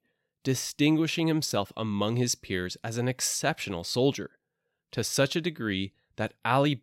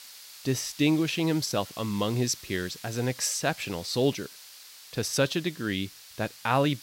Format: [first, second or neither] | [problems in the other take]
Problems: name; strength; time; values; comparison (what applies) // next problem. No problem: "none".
first | hiss; noticeable; throughout; 15 dB below the speech